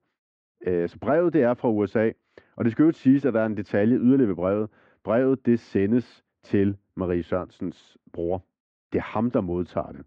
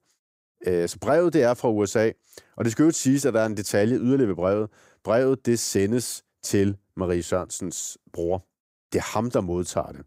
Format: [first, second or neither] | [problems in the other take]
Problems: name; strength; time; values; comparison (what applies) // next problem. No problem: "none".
second | muffled; very; fading above 3 kHz